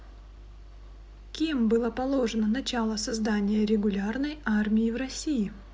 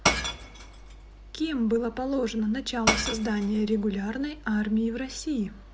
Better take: first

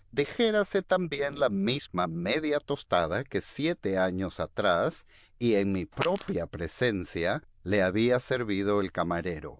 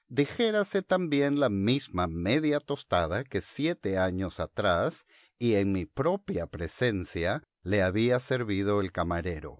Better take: second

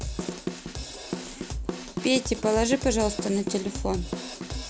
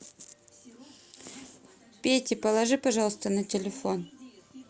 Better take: second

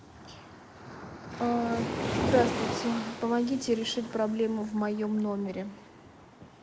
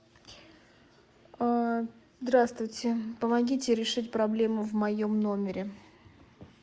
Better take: second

